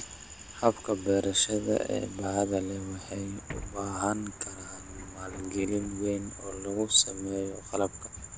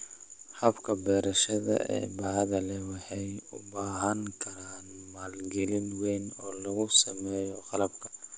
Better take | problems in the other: second | background sound (Bus); 16 dB below the speech

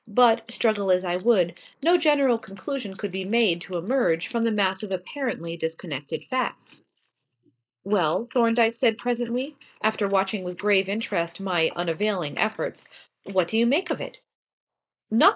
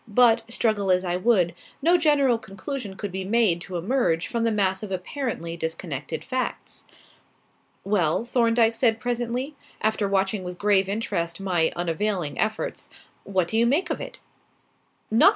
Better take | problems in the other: second | noise reduction (neural mask model Resemble Enhance denoiser)

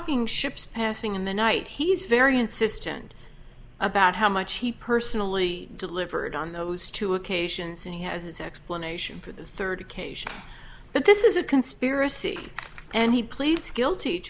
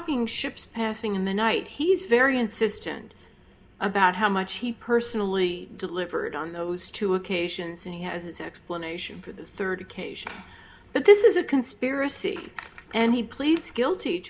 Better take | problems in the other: first | room echo; dies away in 0.3 s

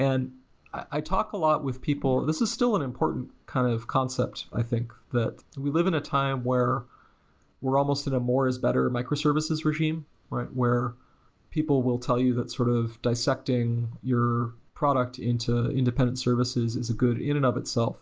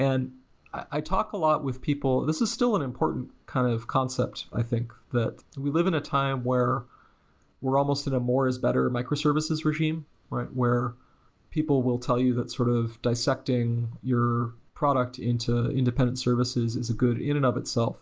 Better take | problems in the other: second | background sound (Gurgling / Liquid); 19 dB below the speech

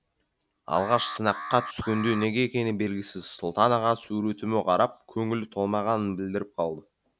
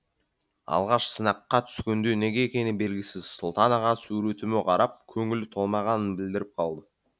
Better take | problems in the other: second | background sound (Alarm); 10 dB below the speech

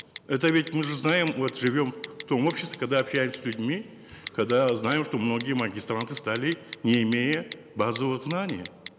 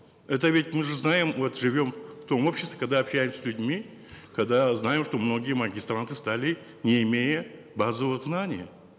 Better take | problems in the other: second | background sound (Telephone); 18 dB below the speech

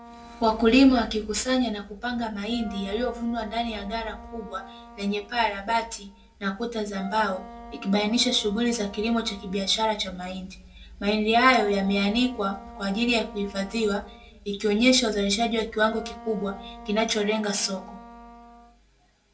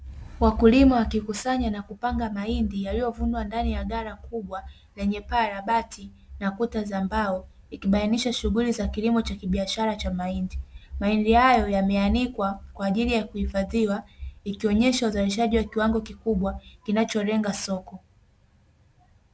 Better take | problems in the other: second | background sound (Wind instrument, woodwind instrument); 19 dB below the speech // room echo; dies away in 0.2 s

